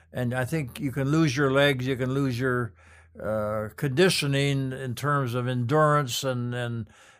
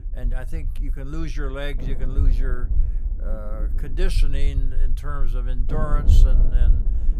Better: first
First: none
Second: low rumble; loud; throughout; 8 dB below the speech

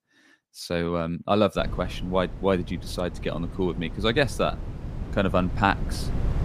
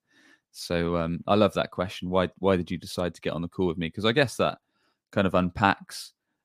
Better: second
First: wind noise on the microphone; occasional gusts; from 1.5 s on; 20 dB below the speech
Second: none

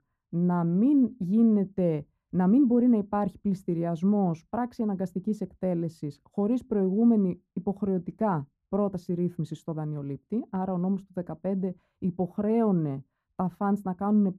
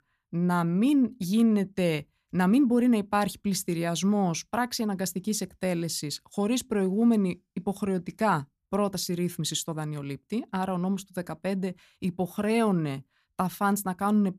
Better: second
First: muffled; very; fading above 1.5 kHz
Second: none

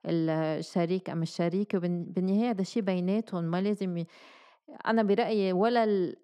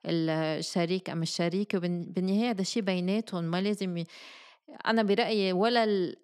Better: second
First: muffled; slightly; fading above 2 kHz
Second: none

